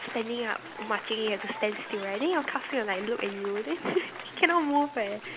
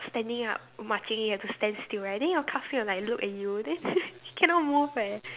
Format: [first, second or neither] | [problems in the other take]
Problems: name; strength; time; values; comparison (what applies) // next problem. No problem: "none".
second | background sound (Applause); 12 dB below the speech